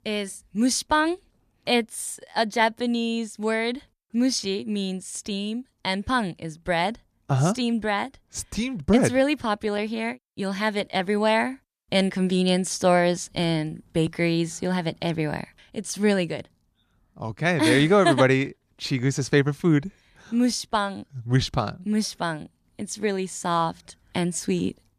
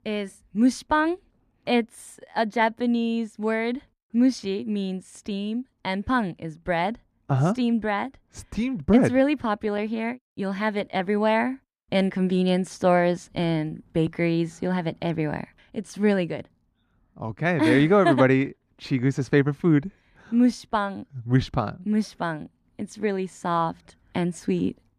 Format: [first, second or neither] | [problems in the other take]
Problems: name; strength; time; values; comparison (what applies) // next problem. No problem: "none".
first | muffled; slightly; fading above 3.5 kHz